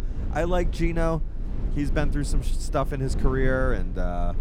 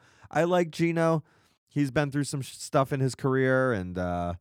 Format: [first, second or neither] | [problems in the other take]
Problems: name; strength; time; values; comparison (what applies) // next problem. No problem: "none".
second | low rumble; noticeable; throughout; 15 dB below the speech